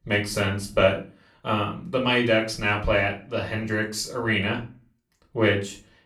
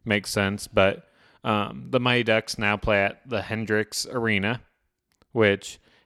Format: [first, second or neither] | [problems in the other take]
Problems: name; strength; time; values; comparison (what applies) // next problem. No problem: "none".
second | off-mic speech; far // room echo; slight; dies away in 0.3 s